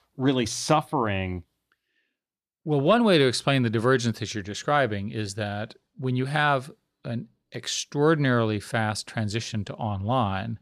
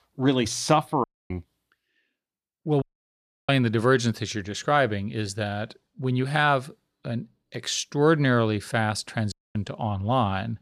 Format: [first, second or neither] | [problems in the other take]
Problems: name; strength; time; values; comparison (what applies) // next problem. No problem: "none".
first | audio cutting out; at 1 s, at 3 s for 0.5 s and at 9.5 s